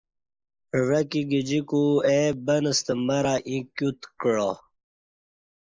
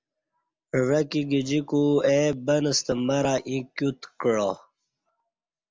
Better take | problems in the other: second | noise reduction (neural mask model Resemble Enhance denoiser)

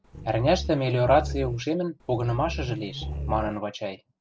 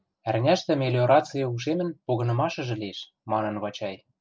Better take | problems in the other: second | background sound (Growling); 8 dB below the speech

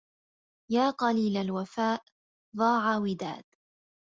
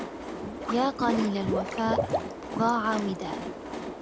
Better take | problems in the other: first | background sound (Liquid + Train); 2 dB below the speech

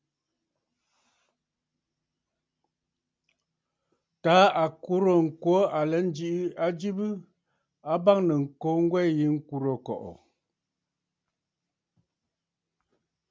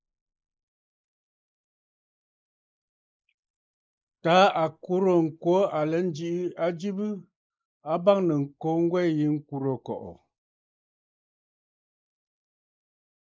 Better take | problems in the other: first | noise reduction (neural mask model Resemble Enhance denoiser)

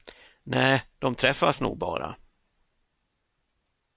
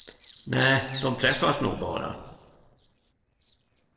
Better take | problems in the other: first | noise reduction (neural separator model SepFormer DNS4)

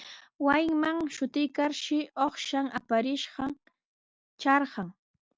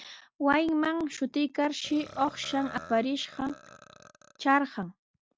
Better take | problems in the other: first | background sound (Burping, eructation); 18 dB below the speech

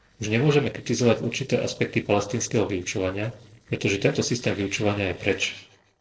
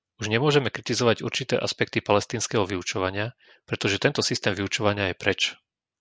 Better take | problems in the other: second | noise reduction (neural separator model SepFormer DNS4)

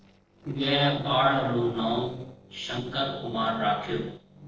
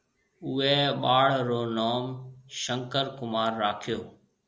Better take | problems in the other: second | noise reduction (neural separator model SepFormer DNS4)

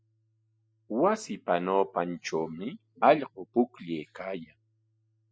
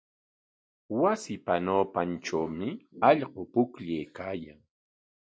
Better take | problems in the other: second | noise reduction (classical method spectral subtraction)

